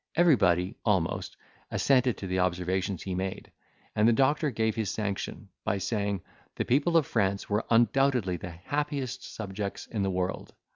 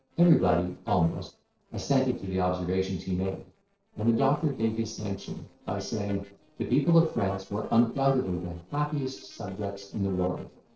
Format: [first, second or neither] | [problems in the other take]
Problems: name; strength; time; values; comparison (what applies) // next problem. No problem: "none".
first | noise reduction (neural separator model SepFormer DNS4)